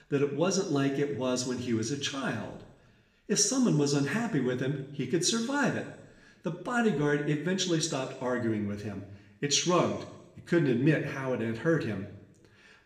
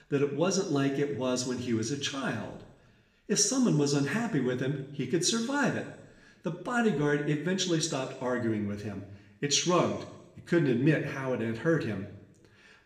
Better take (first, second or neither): neither